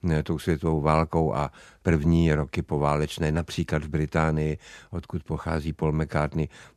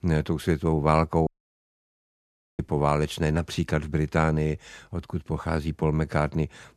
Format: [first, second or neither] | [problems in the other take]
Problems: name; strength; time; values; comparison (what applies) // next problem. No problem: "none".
first | audio cutting out; at 1.5 s for 1.5 s